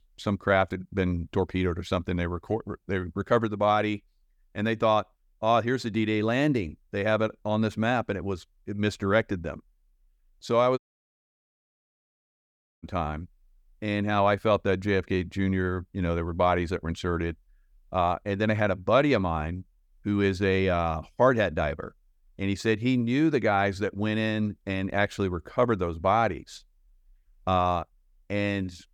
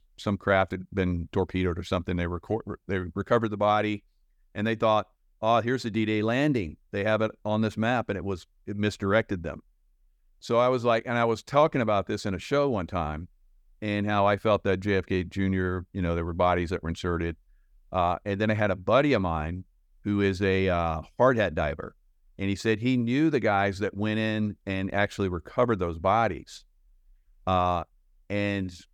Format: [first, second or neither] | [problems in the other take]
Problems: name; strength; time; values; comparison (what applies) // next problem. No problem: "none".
second | audio cutting out; at 11 s for 2 s